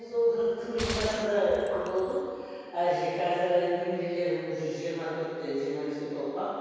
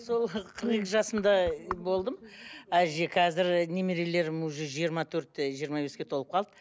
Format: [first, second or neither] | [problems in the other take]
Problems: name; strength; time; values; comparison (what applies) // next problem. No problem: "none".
second | background sound (Gunshot, gunfire); 11 dB below the speech // room echo; dies away in 2.2 s